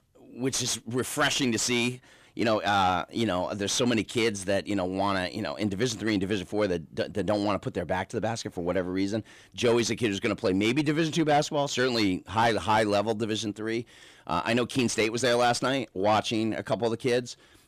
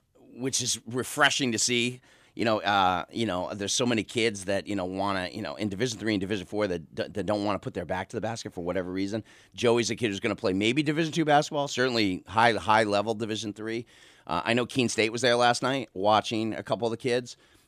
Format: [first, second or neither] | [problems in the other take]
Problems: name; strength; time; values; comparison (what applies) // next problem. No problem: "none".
second | distortion; slight; 10 dB below the speech